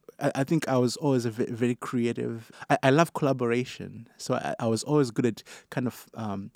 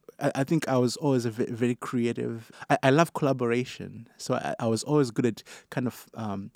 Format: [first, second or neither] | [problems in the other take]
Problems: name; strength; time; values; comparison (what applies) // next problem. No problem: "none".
neither | none